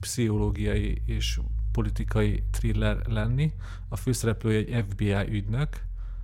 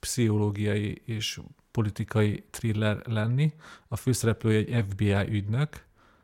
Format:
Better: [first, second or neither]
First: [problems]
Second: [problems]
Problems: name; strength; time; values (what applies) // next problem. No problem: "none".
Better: second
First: low rumble; faint; throughout; 20 dB below the speech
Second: none